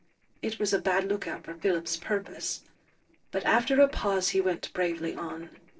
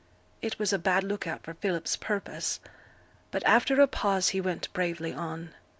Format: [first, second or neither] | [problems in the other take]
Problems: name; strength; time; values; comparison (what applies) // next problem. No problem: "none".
second | noise reduction (neural separator model SepFormer DNS4)